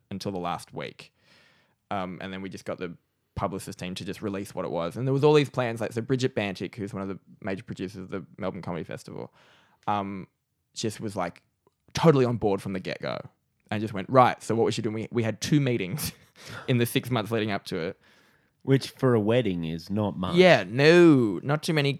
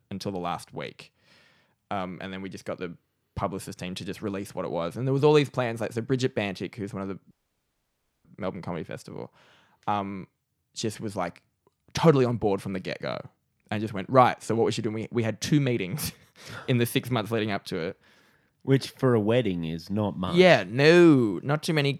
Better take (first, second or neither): first